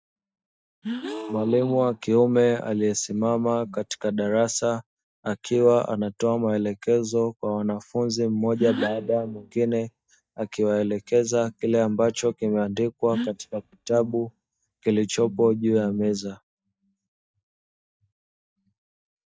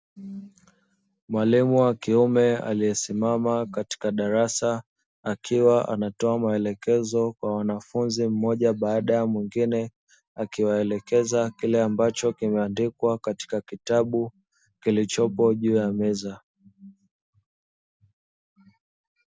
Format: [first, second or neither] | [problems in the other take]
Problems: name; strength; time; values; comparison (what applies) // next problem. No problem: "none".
second | noise reduction (neural mask model DeepFilterNet 3)